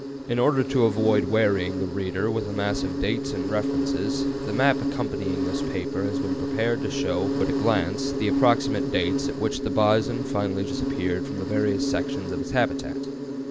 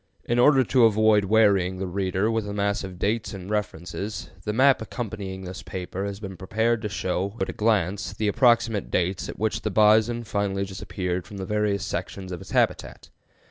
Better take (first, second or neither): second